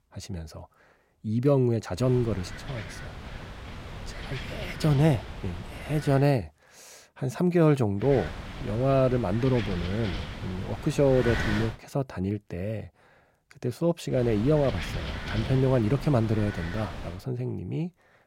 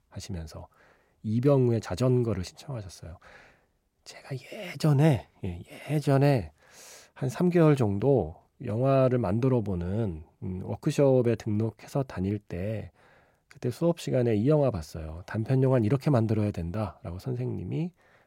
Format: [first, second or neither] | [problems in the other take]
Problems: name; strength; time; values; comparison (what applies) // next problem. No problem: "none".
second | wind noise on the microphone; heavy; from 2 to 6 s, from 8 to 12 s and from 14 to 17 s; 9 dB below the speech